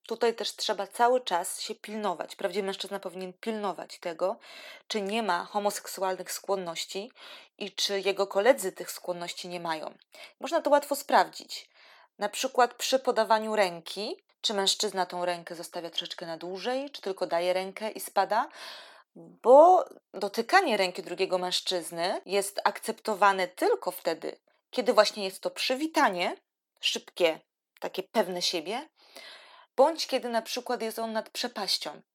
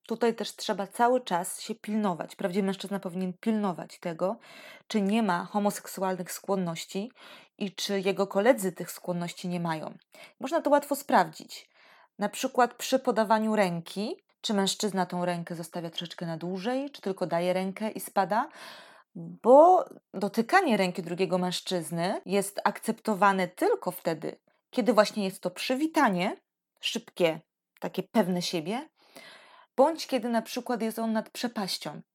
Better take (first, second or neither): second